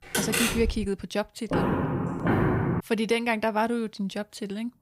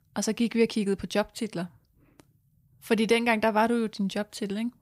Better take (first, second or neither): second